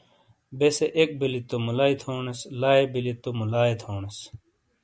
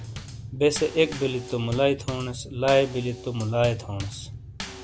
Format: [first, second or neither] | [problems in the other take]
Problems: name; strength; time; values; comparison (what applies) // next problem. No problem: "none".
first | background sound (Bass drum / Snare drum / Drum kit); 12 dB below the speech